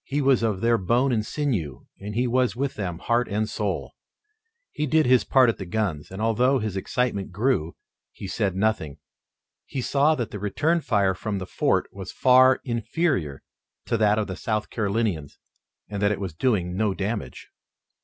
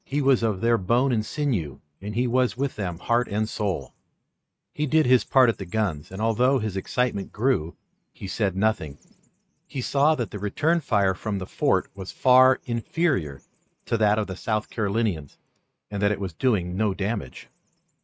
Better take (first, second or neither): first